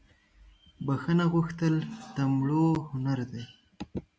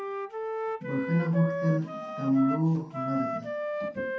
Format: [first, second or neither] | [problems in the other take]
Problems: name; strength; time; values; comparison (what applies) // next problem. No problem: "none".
first | background sound (Wind instrument, woodwind instrument); 4 dB below the speech // room echo; dies away in 0.6 s